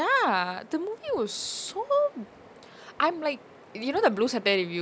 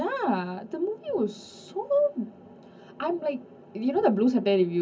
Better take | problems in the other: first | room echo; dies away in 0.3 s

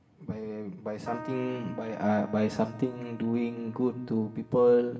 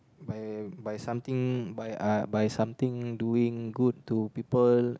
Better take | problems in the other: second | background sound (Keyboard (musical)); 17 dB below the speech // room echo; dies away in 1 s

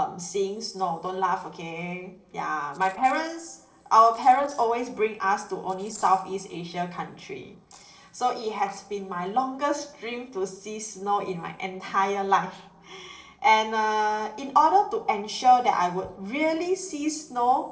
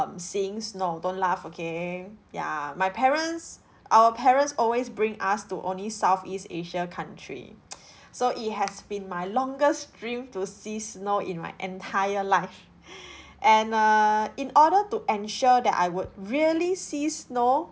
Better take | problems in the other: second | noise reduction (neural separator model SepFormer DNS4)

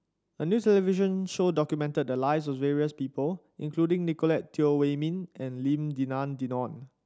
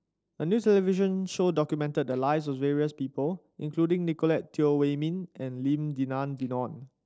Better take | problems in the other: first | noise reduction (neural separator model SepFormer DNS4)

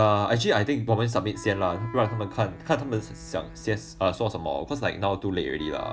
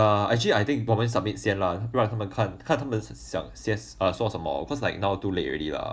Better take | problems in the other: second | background sound (Wind instrument, woodwind instrument); 19 dB below the speech

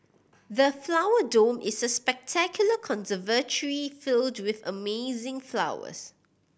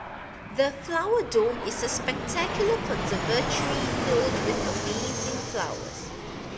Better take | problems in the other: first | background sound (Fixed-wing aircraft, airplane); 2 dB below the speech // room echo; dies away in 2.1 s

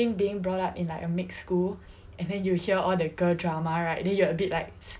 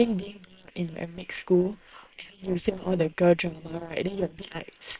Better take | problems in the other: first | noise reduction (neural separator model SepFormer WHAM!)

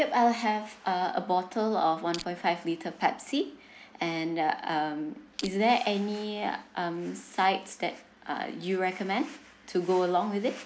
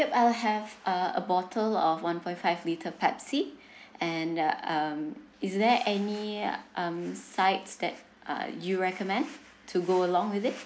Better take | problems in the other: second | background sound (Crushing); 13 dB below the speech

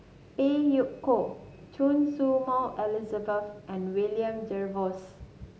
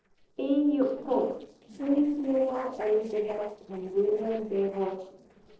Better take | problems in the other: first | noise reduction (neural separator model SepFormer DNS4)

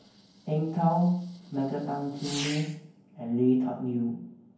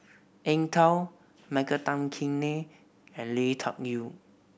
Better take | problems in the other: second | background sound (Fireworks); 16 dB below the speech // room echo; dies away in 0.9 s

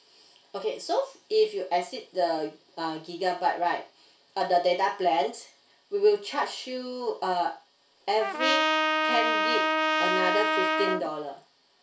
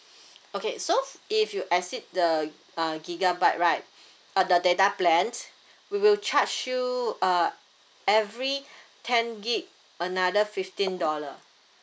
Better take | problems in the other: second | background sound (Trumpet); 3 dB above the speech // room echo; dies away in 0.3 s

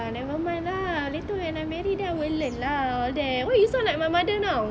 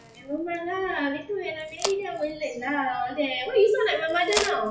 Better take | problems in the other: first | noise reduction (classical method WPE with log-MMSE)

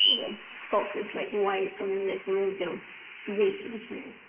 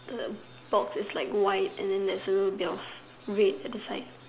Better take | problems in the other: second | noise reduction (neural mask model Resemble Enhance denoiser)

